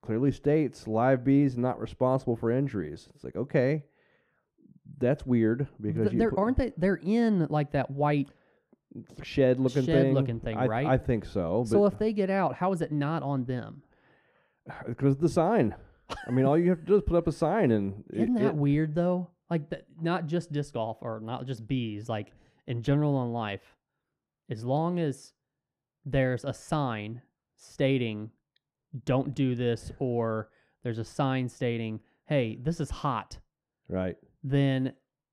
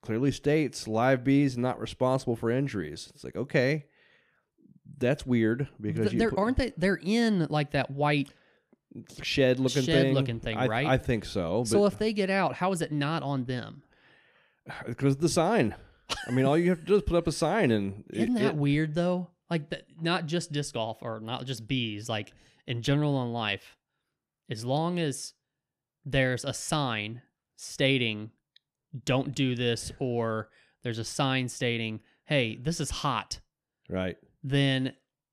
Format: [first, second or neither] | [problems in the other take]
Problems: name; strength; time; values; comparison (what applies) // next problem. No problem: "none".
second | muffled; slightly; fading above 2 kHz